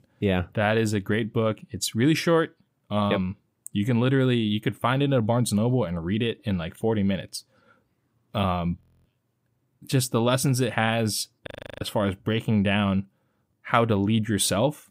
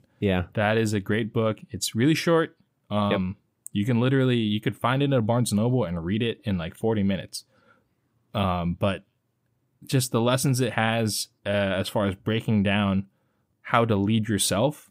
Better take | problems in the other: second | audio freezing; at 9 s and at 11 s

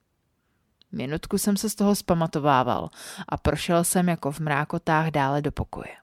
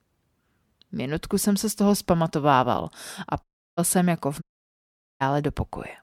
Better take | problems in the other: first | audio cutting out; at 3.5 s and at 4.5 s for 1 s

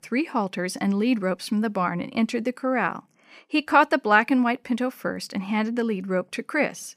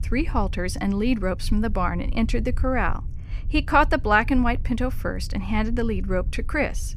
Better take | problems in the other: first | low rumble; faint; throughout; 25 dB below the speech

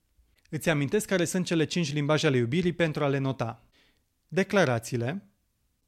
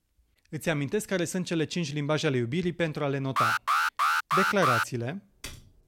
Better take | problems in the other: first | alarm; loud; from 3.5 to 5 s; peak 5 dB above the speech // keyboard typing; faint; at 5.5 s; peak 15 dB below the speech

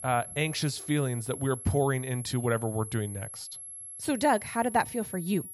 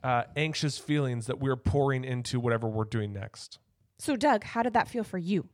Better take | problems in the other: second | high-pitched whine; noticeable; throughout; 11 kHz, 10 dB below the speech

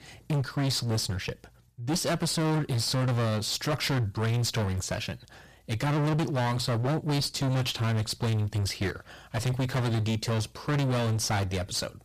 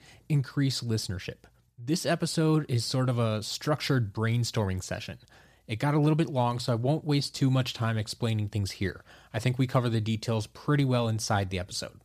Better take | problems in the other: second | distortion; heavy; 28% of the sound clipped

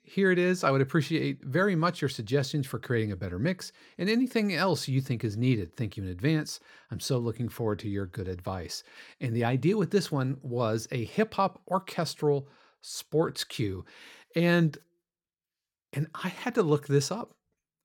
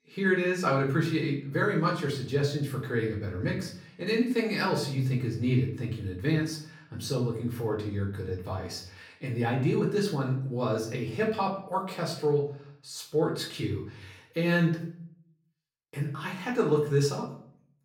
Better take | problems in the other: first | off-mic speech; far // room echo; slight; dies away in 0.5 s

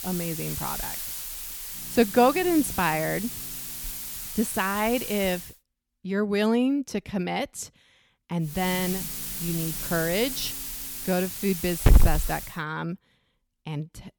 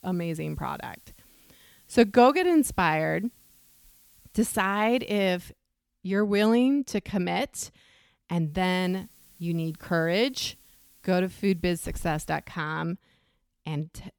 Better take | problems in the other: second | hiss; loud; until 5.5 s and from 8.5 to 12 s; 3 dB below the speech; faint in the second

